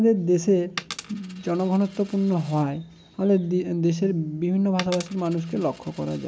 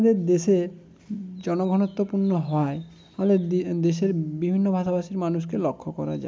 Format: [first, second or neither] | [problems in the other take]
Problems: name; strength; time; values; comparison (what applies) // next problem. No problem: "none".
second | background sound (Coin (dropping)); 19 dB below the speech